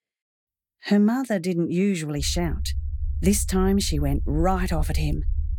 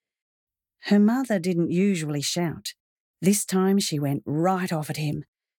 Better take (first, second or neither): second